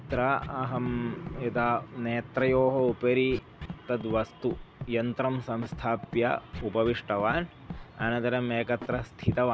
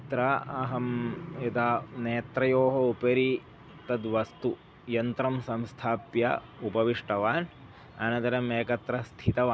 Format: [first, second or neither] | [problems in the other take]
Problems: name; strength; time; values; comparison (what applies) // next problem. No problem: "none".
second | background sound (Scratching (performance technique)); 14 dB below the speech